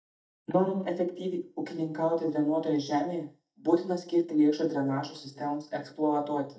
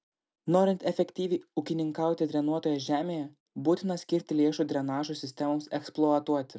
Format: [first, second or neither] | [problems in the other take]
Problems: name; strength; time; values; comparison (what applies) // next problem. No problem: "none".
second | noise reduction (neural mask model DeepFilterNet 3)